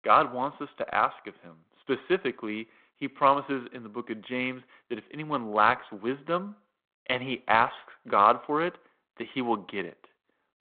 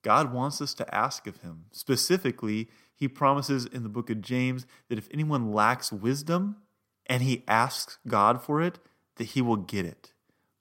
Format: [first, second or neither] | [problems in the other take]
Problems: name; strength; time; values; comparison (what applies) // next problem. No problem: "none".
second | phone-call audio; nothing above 3.5 kHz